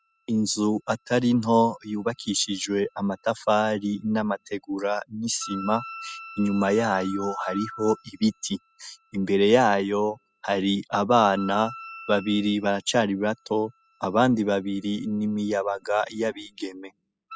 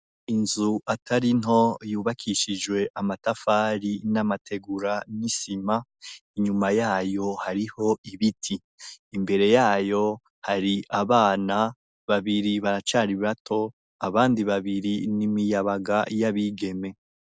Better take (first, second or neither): second